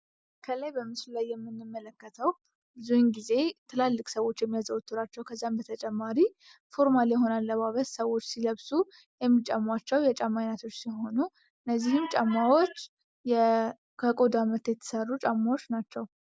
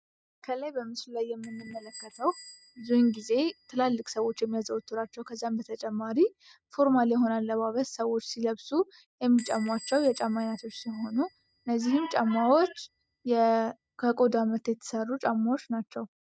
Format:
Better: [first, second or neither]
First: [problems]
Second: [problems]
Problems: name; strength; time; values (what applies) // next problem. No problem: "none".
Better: first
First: none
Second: noise reduction (neural mask model RNNoise)